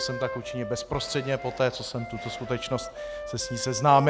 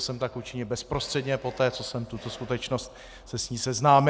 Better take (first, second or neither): second